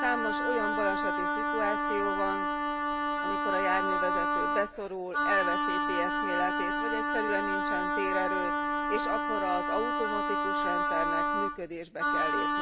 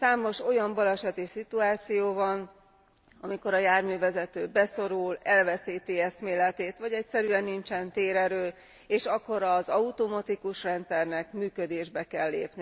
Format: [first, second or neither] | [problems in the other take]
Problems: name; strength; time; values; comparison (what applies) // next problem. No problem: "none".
second | background sound (Wind instrument, woodwind instrument); 5 dB above the speech